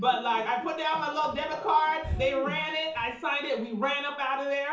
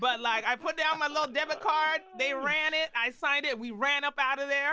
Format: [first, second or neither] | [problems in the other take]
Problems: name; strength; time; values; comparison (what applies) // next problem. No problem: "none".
second | background sound (Breathing); 12 dB below the speech // room echo; dies away in 0.7 s